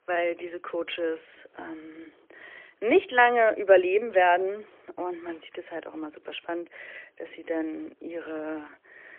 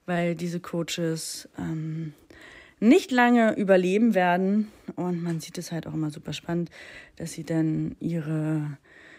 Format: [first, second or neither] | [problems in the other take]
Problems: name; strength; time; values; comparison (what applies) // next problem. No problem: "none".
second | phone-call audio; poor line; nothing above 3.5 kHz